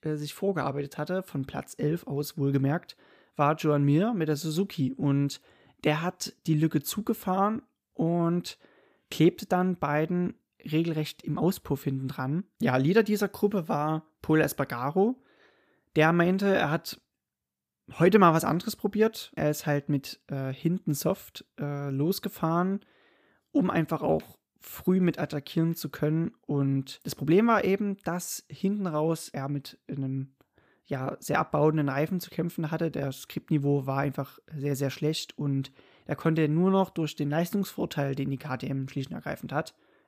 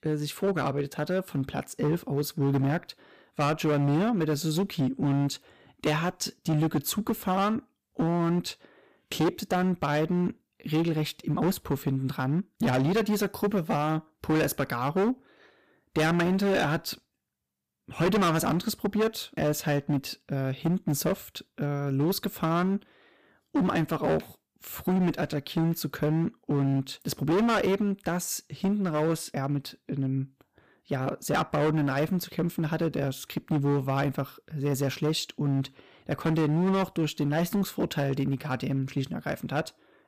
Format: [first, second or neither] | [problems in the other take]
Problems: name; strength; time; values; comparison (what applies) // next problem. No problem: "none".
first | distortion; heavy; 11% of the sound clipped